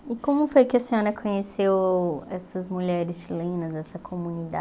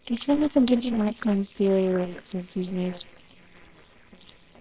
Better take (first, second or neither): first